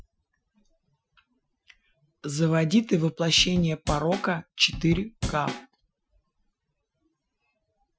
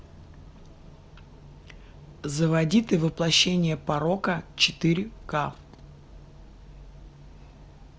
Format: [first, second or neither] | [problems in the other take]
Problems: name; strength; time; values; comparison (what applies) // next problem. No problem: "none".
second | noise reduction (classical method Wiener filter)